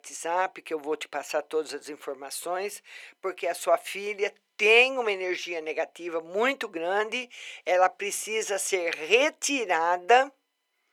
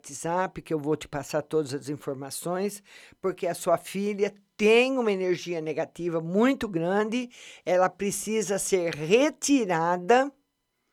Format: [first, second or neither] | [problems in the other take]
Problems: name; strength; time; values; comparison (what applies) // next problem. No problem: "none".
second | thin; somewhat; fading below 400 Hz